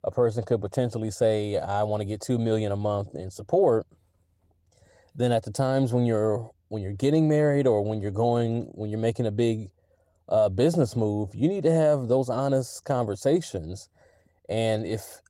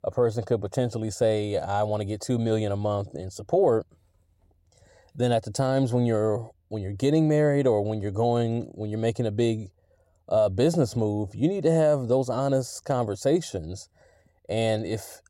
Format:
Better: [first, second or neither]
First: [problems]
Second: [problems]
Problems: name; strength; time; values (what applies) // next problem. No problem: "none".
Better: second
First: garbled, watery; slightly; nothing above 16 kHz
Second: none